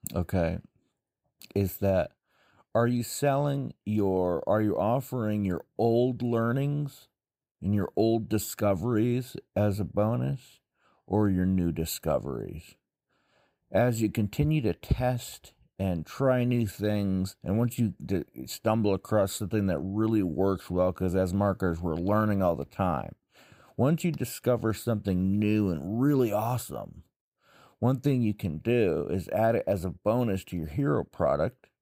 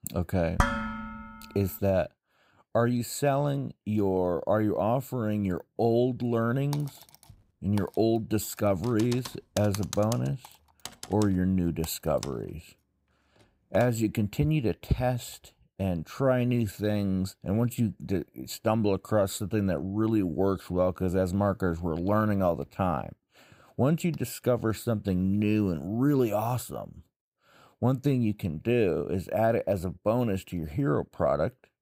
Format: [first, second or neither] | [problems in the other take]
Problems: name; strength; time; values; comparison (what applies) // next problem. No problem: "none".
first | clattering dishes; loud; at 0.5 s; peak level with the speech // keyboard typing; noticeable; from 6.5 to 14 s; peak 10 dB below the speech